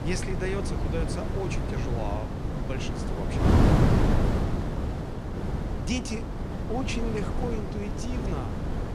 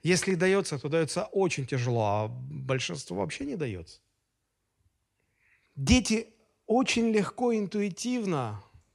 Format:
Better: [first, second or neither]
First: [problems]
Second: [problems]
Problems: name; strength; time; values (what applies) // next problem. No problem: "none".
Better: second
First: wind noise on the microphone; heavy; 2 dB above the speech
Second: none